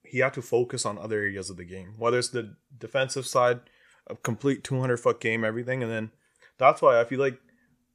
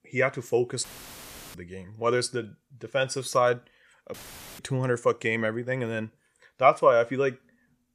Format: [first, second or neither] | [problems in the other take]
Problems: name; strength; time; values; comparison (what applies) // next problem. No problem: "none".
first | audio cutting out; filled with static; at 1 s for 0.5 s and at 4 s